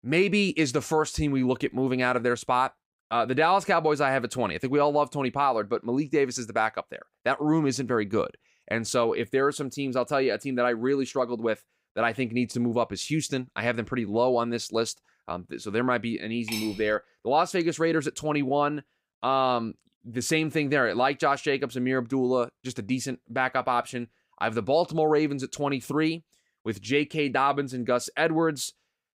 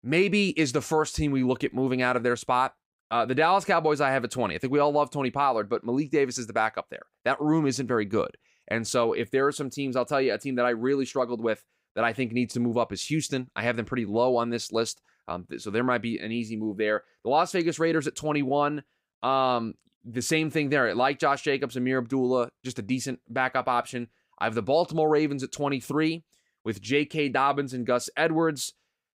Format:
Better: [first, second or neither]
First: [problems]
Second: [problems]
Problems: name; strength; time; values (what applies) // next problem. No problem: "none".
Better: second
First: clattering dishes; noticeable; at 16 s; peak 7 dB below the speech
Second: none